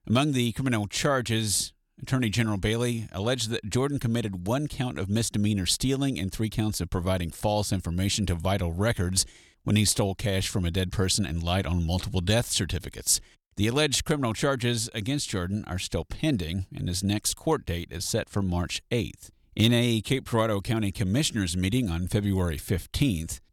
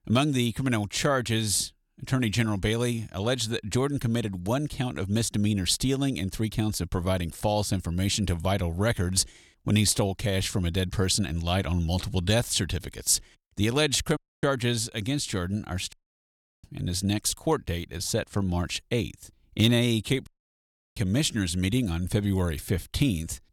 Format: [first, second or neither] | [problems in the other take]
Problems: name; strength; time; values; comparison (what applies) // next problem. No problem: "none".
first | audio cutting out; at 14 s, at 16 s for 0.5 s and at 20 s for 0.5 s